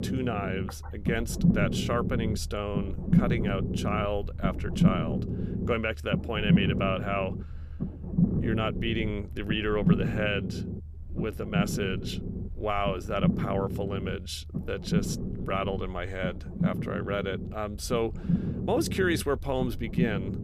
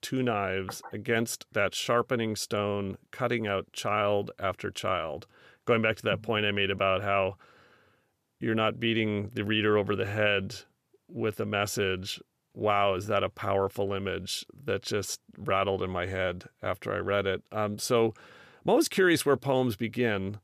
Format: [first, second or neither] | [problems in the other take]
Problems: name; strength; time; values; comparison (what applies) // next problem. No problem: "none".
second | low rumble; loud; throughout; 7 dB below the speech